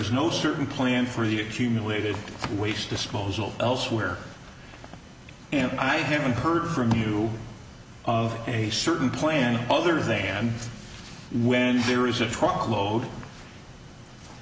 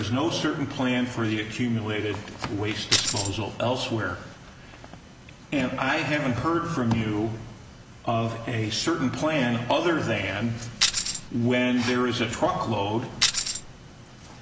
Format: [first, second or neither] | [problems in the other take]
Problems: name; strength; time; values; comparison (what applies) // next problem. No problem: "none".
first | background sound (Tambourine); 1 dB above the speech